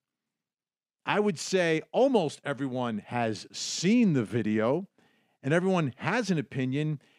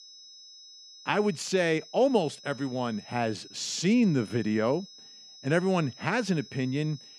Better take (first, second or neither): first